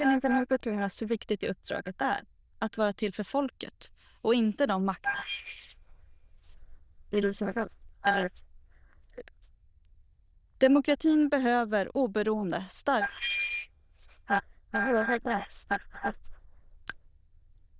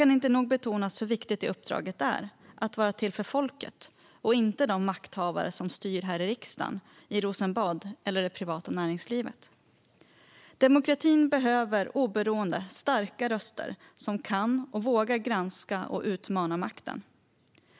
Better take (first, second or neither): second